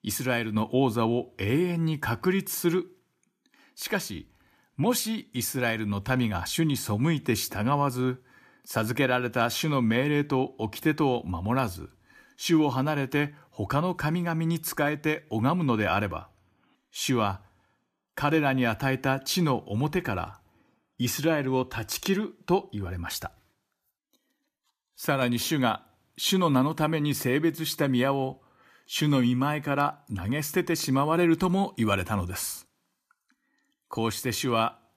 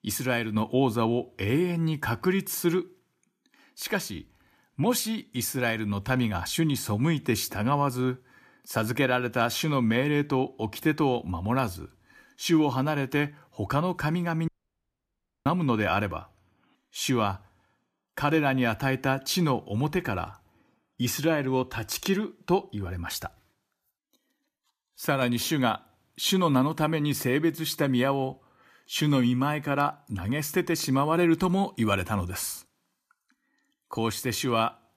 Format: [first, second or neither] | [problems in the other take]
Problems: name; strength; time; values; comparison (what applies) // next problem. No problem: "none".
first | audio cutting out; at 14 s for 1 s